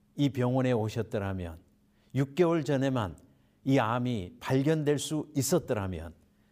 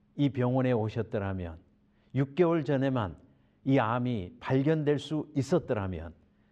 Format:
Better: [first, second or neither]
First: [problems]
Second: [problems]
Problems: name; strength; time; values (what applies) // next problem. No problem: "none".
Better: first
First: none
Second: muffled; slightly; fading above 3 kHz